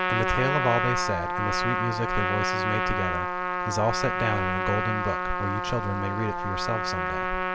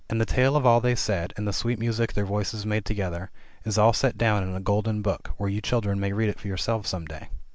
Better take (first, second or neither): second